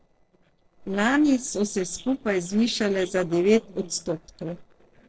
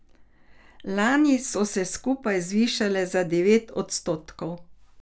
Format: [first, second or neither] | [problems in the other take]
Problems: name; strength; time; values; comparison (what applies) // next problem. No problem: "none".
second | noise reduction (neural separator model SepFormer DNS4)